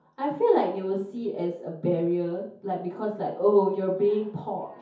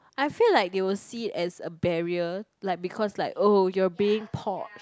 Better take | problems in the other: second | room echo; dies away in 0.6 s

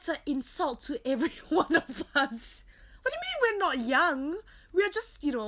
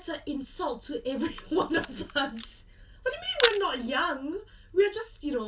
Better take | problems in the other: first | background sound (Camera); 7 dB below the speech // room echo; dies away in 0.2 s

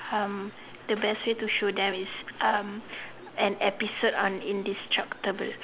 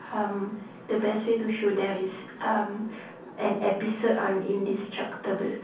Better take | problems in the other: first | room echo; dies away in 0.6 s

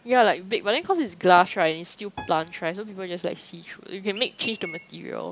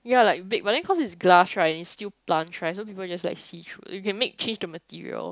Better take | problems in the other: second | background sound (Piano + Chirp, tweet); 19 dB below the speech

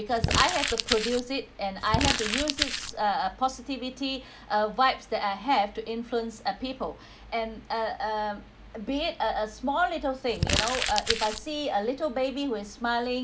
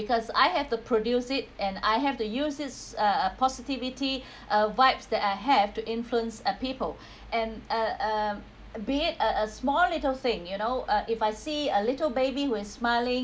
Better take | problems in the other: second | background sound (Crumpling, crinkling); as loud as the speech

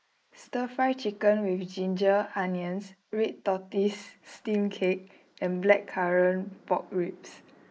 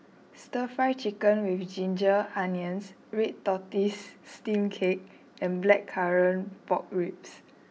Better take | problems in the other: second | noise reduction (neural mask model Resemble Enhance denoiser)

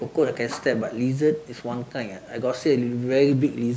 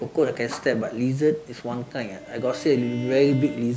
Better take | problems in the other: first | background sound (Bowed string instrument); 18 dB below the speech

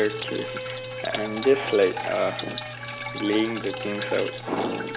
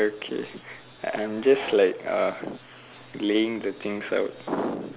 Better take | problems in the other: second | background sound (Drip + Bowed string instrument); 7 dB below the speech

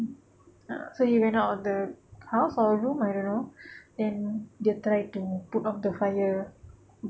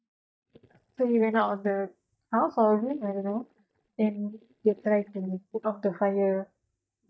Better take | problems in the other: first | noise reduction (neural mask model DeepFilterNet 3)

